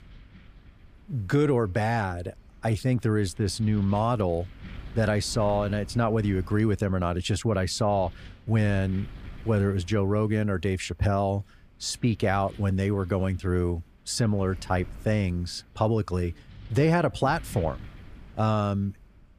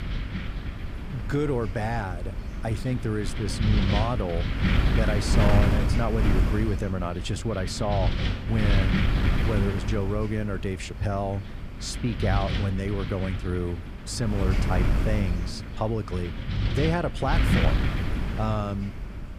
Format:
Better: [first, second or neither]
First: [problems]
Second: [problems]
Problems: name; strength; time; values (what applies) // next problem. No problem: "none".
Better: first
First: wind noise on the microphone; occasional gusts; 25 dB below the speech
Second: wind noise on the microphone; heavy; 3 dB below the speech